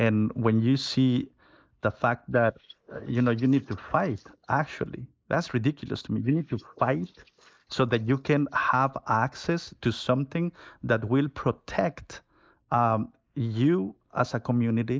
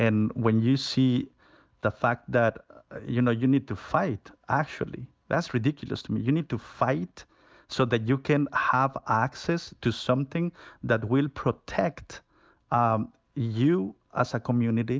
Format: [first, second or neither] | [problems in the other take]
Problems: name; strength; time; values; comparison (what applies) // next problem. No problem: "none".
second | noise reduction (neural mask model Resemble Enhance denoiser)